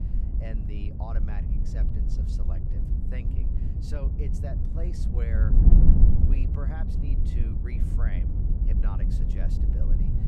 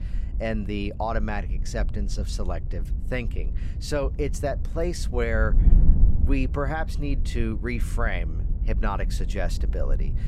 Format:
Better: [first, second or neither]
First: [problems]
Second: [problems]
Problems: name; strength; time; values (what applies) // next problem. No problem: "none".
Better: second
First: wind noise on the microphone; heavy; 3 dB above the speech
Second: wind noise on the microphone; occasional gusts; 15 dB below the speech